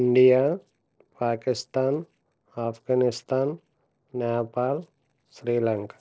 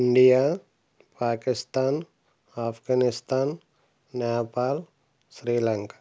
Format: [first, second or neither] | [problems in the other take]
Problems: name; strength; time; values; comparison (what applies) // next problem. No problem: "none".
second | noise reduction (neural separator model SepFormer DNS4)